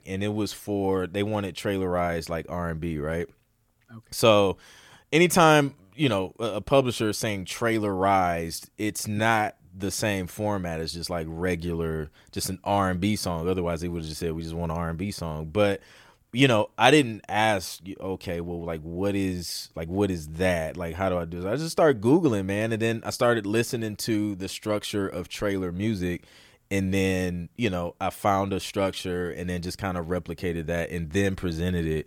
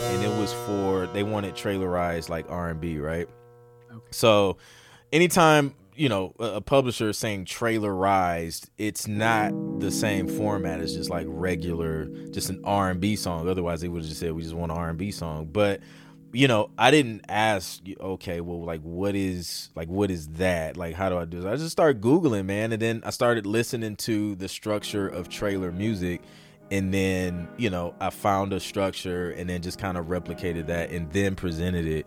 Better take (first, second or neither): first